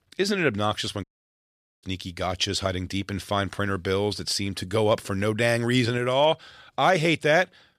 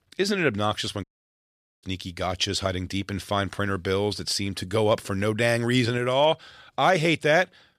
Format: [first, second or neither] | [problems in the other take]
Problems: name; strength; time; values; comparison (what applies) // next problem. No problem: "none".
neither | audio cutting out; at 1 s for 1 s; the same in both